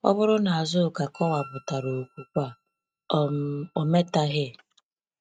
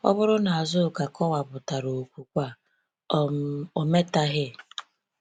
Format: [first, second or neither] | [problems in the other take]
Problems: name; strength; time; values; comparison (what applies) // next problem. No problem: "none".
second | noise reduction (neural mask model RNNoise)